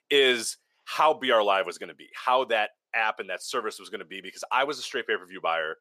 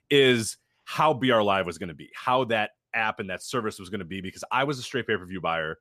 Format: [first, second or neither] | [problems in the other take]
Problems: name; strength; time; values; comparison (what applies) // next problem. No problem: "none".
second | thin; somewhat; fading below 500 Hz